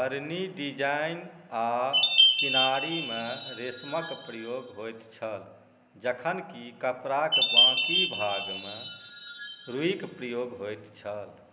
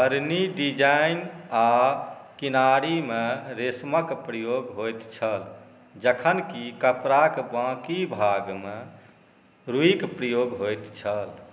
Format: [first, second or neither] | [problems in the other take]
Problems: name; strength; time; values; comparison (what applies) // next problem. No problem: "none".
second | background sound (Chime); 3 dB above the speech